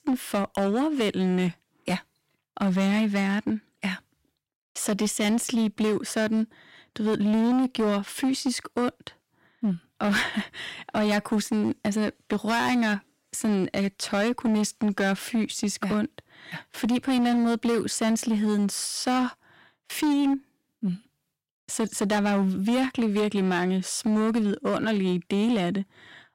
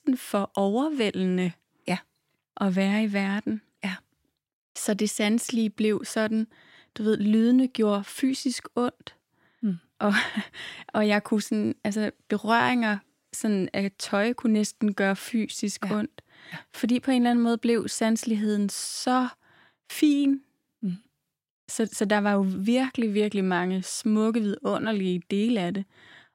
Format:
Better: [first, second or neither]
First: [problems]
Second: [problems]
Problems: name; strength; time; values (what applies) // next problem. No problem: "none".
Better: second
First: distortion; slight; 14% of the sound clipped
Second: none